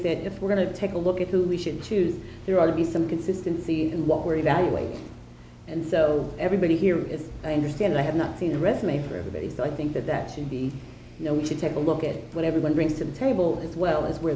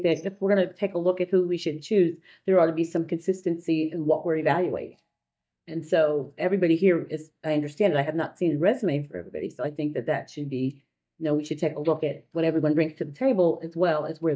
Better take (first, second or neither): first